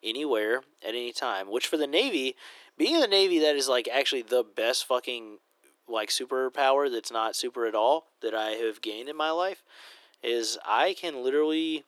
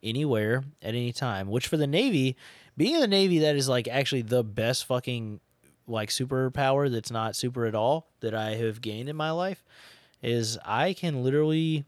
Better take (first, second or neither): second